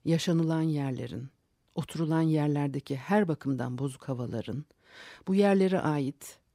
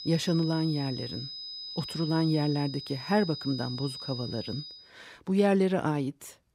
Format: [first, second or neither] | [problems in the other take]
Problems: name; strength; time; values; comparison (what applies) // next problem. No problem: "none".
first | high-pitched whine; loud; until 5 s; 5 kHz, 9 dB below the speech